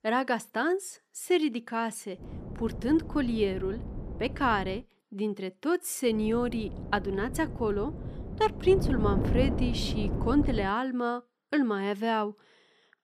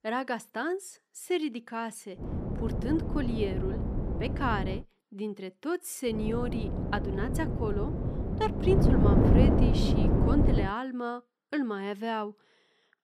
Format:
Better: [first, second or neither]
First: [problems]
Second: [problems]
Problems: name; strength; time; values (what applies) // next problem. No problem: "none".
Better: first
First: wind noise on the microphone; occasional gusts; from 2 to 5 s and from 6 to 11 s; 10 dB below the speech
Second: wind noise on the microphone; heavy; from 2 to 5 s and from 6 to 11 s; 1 dB below the speech